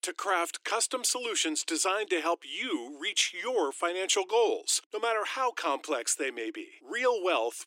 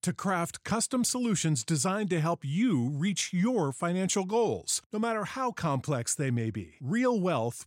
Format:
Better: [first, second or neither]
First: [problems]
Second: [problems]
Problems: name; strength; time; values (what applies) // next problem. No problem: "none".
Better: second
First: thin; very; fading below 300 Hz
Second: none